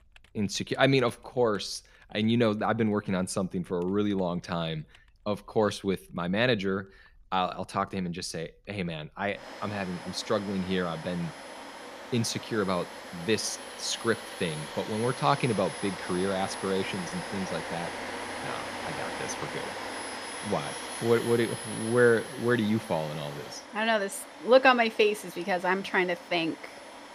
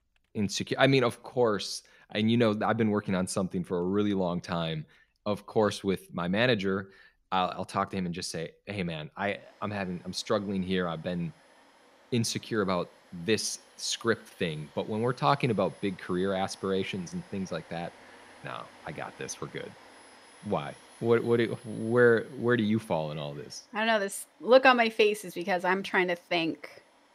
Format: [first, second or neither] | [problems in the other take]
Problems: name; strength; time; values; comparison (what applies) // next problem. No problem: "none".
second | household noises; loud; throughout; 10 dB below the speech; faint in the second